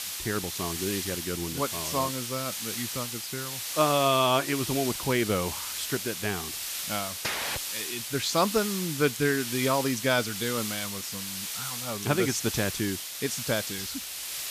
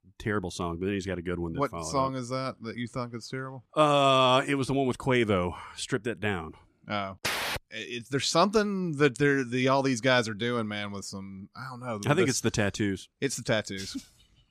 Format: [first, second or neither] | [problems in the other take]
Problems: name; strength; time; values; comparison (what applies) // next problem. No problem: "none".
second | hiss; loud; throughout; 3 dB below the speech